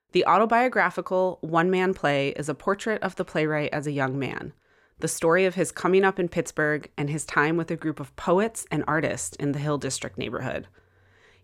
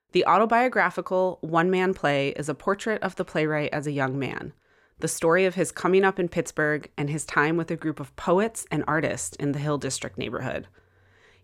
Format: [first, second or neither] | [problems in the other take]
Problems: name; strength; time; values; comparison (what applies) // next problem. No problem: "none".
neither | none